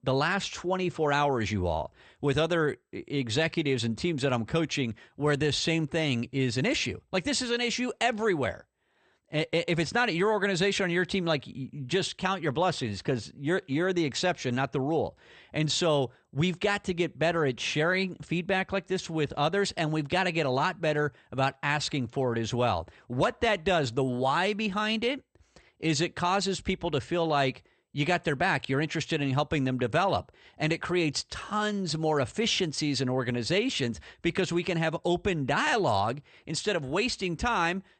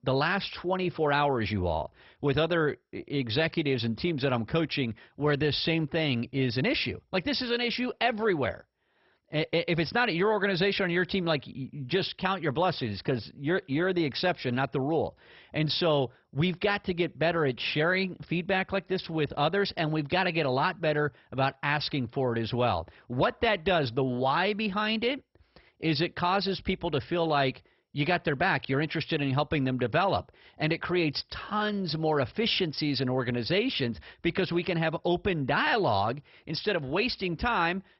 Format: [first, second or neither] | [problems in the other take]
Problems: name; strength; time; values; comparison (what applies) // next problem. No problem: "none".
first | garbled, watery; badly; nothing above 5.5 kHz; slightly in the first